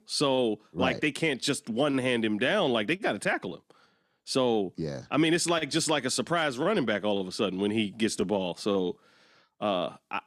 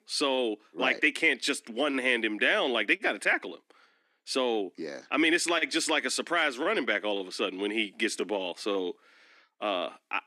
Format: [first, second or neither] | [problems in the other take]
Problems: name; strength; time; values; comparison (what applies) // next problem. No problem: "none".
first | thin; very slightly; fading below 300 Hz